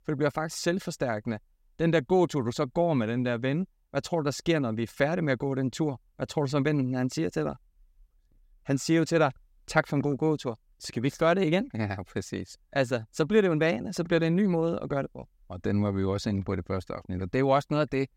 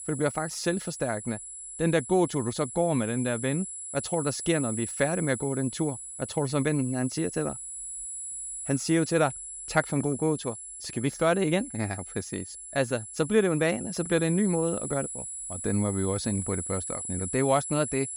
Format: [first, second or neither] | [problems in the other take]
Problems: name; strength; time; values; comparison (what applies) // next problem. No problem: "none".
first | high-pitched whine; loud; throughout; 10 kHz, 7 dB below the speech